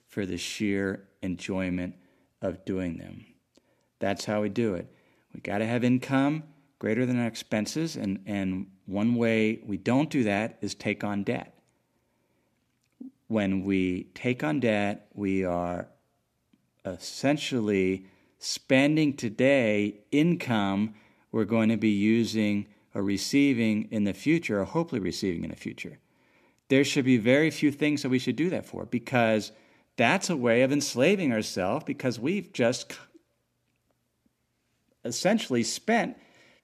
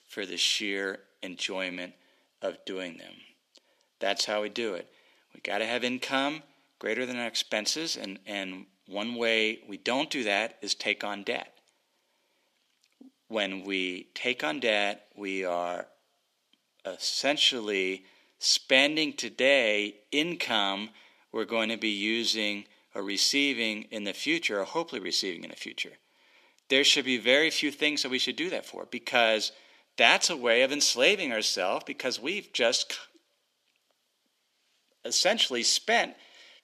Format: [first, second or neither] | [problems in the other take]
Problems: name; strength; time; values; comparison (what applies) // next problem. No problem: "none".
first | thin; somewhat; fading below 450 Hz